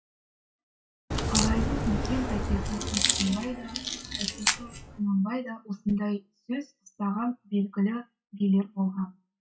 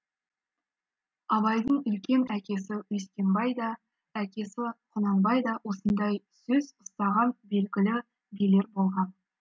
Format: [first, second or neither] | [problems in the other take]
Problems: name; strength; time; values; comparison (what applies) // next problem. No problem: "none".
second | noise reduction (classical method WPE with log-MMSE)